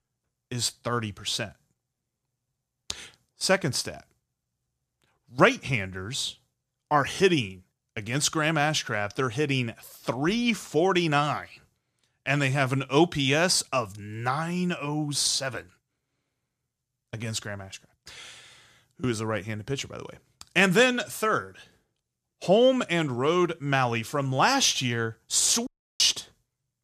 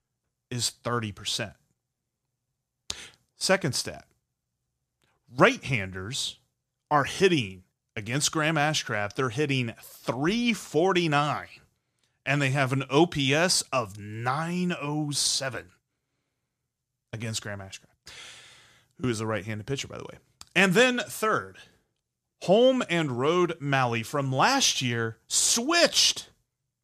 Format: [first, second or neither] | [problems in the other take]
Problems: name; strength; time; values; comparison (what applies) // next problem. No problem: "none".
second | audio cutting out; at 26 s